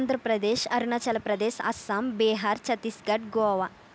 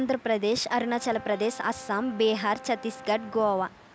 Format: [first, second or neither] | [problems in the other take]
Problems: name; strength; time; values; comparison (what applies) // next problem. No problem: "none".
first | background sound (Brass instrument); 19 dB below the speech